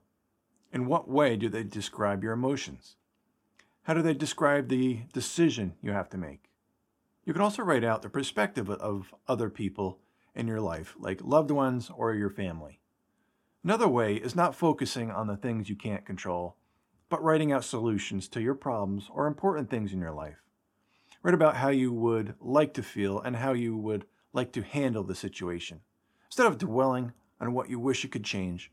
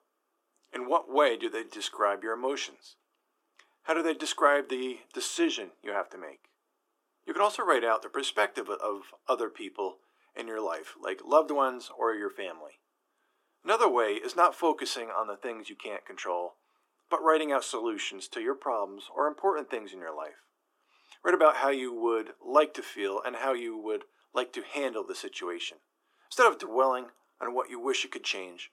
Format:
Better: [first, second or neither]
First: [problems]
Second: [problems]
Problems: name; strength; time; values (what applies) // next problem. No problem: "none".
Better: first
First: none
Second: thin; very; fading below 350 Hz